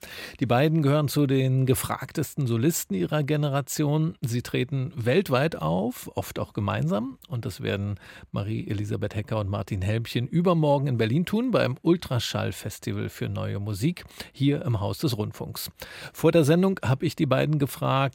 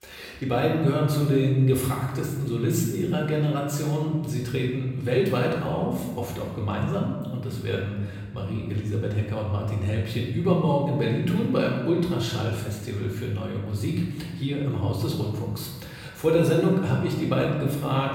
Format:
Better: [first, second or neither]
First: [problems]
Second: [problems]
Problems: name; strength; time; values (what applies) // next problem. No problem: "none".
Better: first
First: none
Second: off-mic speech; far // room echo; noticeable; dies away in 1.1 s